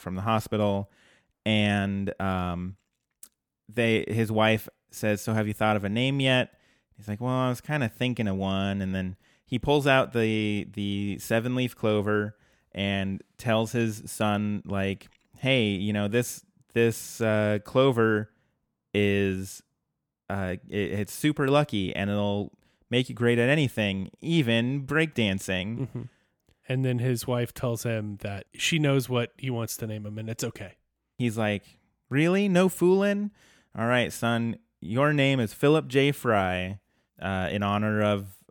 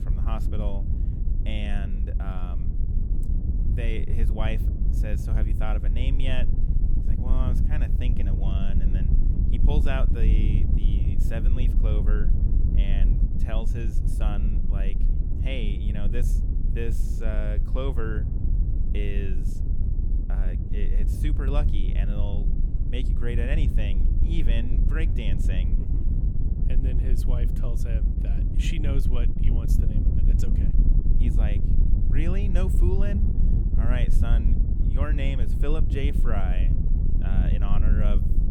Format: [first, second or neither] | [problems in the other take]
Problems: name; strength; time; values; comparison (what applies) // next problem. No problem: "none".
first | wind noise on the microphone; heavy; 3 dB below the speech